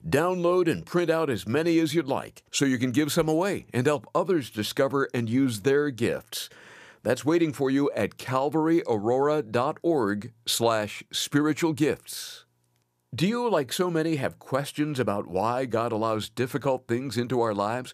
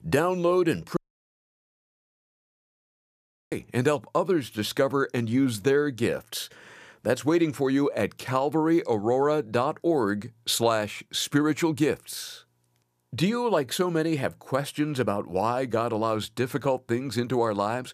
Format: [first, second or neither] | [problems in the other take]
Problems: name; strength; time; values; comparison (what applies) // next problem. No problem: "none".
first | audio cutting out; at 1 s for 2.5 s